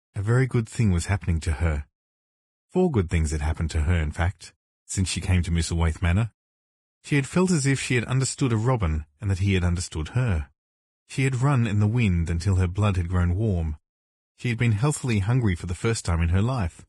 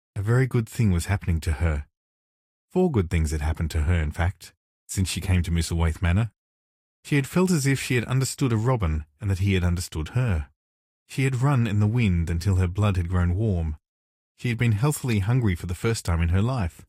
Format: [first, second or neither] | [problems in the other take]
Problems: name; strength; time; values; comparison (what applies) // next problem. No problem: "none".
second | garbled, watery; badly; nothing above 10 kHz; slightly in the second